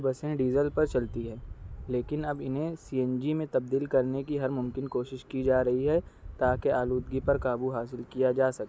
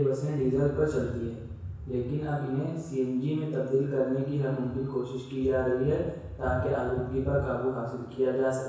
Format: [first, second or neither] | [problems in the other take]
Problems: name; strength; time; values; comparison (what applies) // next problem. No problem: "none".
first | room echo; dies away in 1.1 s